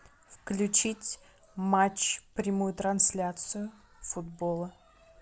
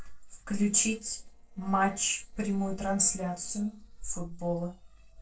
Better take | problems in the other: first | noise reduction (neural separator model SepFormer DNS4)

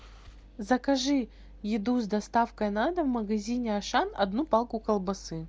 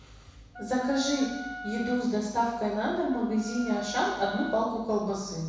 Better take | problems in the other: first | background sound (Wind instrument, woodwind instrument); 12 dB below the speech // room echo; dies away in 1 s

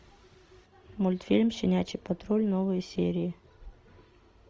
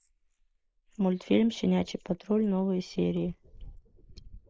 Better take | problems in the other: first | noise reduction (neural mask model Resemble Enhance denoiser)

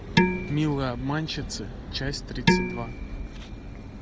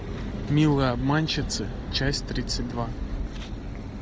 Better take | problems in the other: second | background sound (Dishes, pots, and pans); 3 dB above the speech

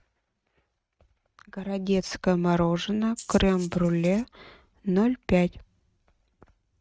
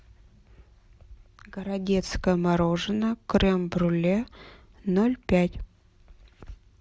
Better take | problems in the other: second | noise reduction (neural mask model RNNoise)

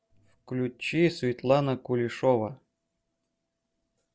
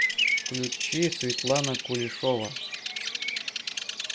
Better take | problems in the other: first | background sound (Bird vocalization, bird call, bird song); 1 dB above the speech

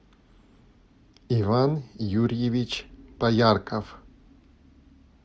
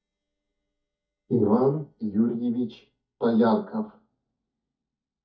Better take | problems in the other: first | noise reduction (neural mask model DeepFilterNet 3)

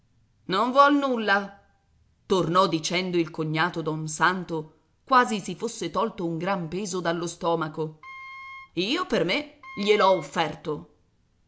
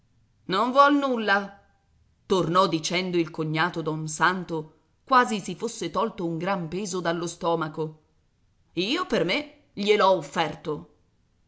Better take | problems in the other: second | background sound (Wind instrument, woodwind instrument); 18 dB below the speech

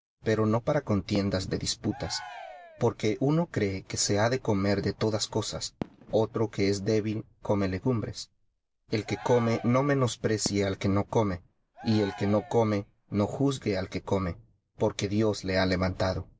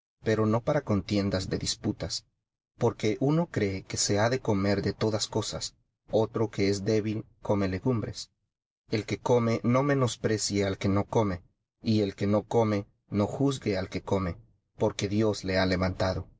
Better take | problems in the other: second | background sound (Fireworks + Cheering); 18 dB below the speech

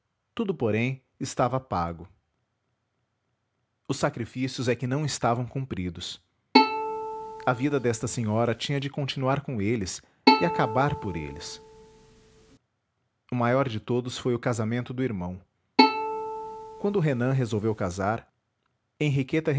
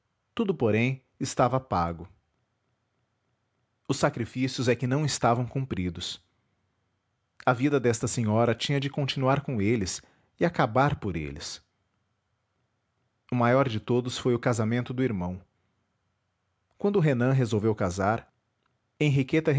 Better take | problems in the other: second | background sound (Bowed string instrument); 1 dB above the speech

